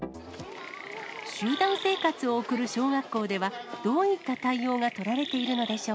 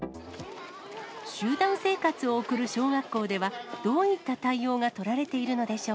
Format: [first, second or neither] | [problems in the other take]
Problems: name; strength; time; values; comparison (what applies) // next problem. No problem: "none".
second | background sound (Chirp, tweet); 12 dB below the speech